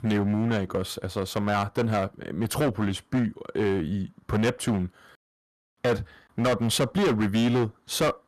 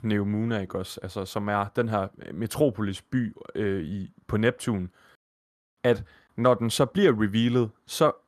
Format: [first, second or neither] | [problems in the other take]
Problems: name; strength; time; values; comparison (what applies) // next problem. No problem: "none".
second | distortion; heavy; 11% of the sound clipped